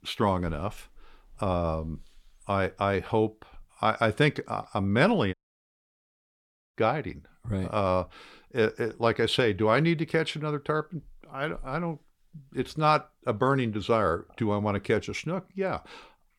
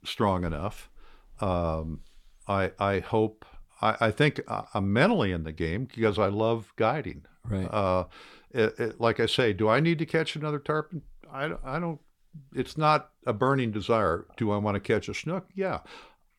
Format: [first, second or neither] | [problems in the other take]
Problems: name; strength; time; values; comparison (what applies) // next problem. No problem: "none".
second | audio cutting out; at 5.5 s for 1.5 s